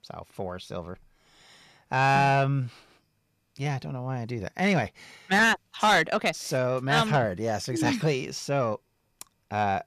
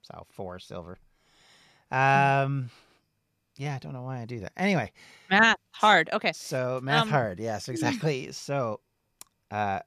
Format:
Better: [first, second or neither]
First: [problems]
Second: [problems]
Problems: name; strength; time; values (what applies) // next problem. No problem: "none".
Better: second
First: distortion; slight; 10 dB below the speech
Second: none